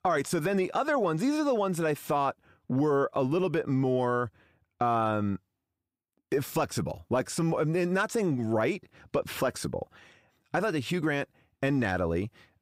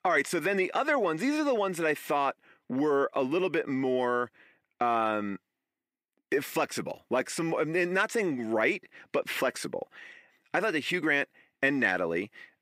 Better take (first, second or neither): first